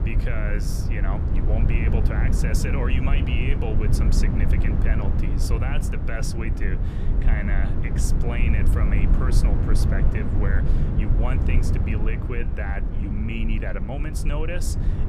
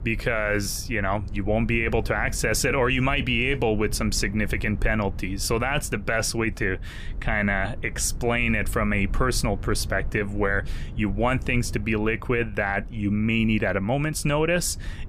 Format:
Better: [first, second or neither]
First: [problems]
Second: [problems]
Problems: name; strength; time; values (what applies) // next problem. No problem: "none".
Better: second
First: low rumble; loud; throughout; 3 dB below the speech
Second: low rumble; faint; throughout; 25 dB below the speech